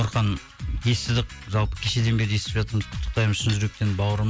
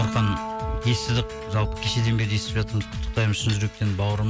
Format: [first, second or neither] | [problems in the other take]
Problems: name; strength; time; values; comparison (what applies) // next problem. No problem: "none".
first | background sound (Piano); 11 dB below the speech